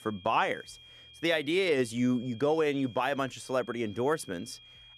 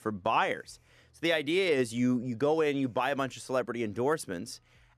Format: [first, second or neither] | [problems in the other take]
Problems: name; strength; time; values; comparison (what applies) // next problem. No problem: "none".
second | high-pitched whine; faint; throughout; 3 kHz, 20 dB below the speech